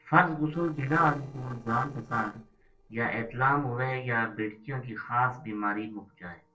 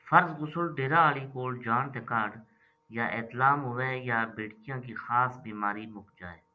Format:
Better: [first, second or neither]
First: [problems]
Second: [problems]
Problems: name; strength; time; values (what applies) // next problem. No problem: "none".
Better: second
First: noise reduction (neural separator model SepFormer DNS4)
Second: none